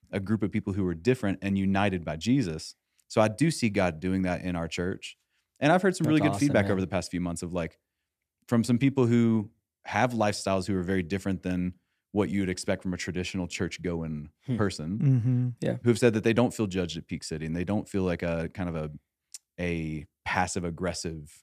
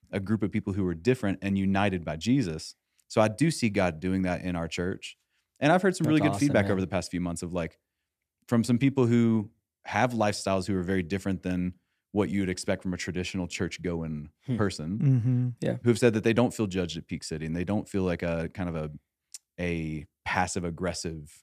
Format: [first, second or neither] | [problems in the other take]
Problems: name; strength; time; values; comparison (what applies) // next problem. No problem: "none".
neither | none